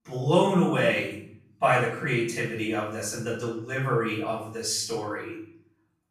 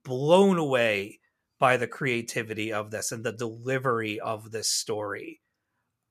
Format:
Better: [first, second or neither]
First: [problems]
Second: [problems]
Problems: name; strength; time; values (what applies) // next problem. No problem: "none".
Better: second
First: off-mic speech; far // room echo; noticeable; dies away in 0.6 s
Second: none